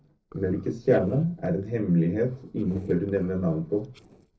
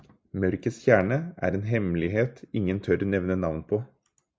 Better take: second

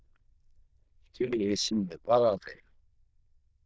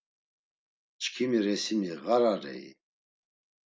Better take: second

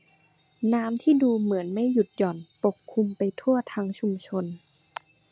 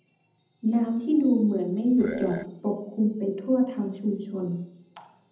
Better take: first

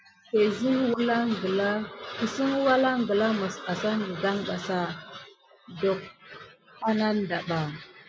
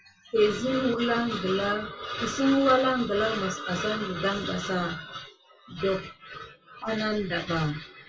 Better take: first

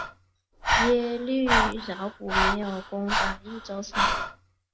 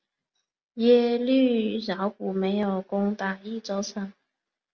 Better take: second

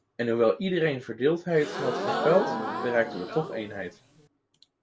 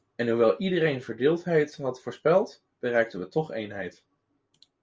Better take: second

